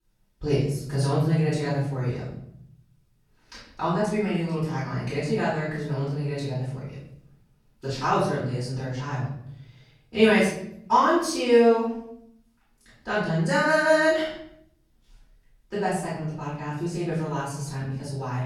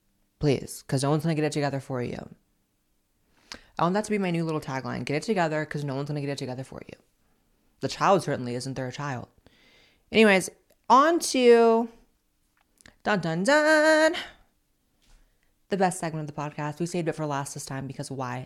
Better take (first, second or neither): second